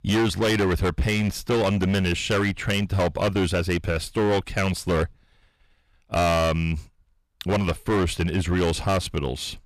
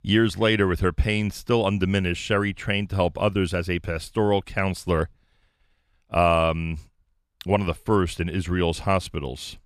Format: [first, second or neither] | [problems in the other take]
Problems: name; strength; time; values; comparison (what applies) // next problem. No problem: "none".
second | distortion; heavy; 15% of the sound clipped